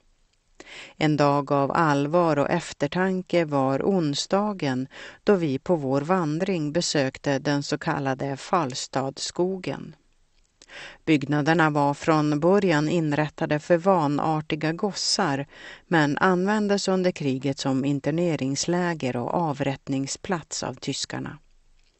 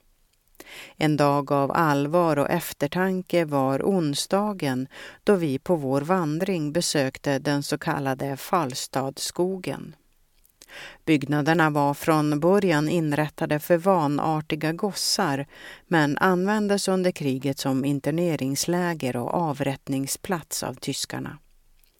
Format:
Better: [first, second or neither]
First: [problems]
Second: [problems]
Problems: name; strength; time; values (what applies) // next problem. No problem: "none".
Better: second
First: garbled, watery; slightly; nothing above 8 kHz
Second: none